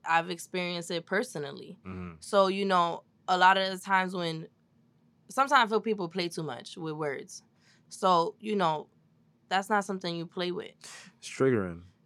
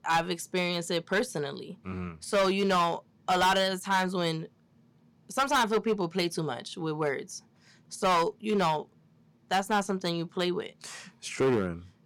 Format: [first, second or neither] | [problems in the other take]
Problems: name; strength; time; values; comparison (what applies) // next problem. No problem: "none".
first | distortion; heavy; 6% of the sound clipped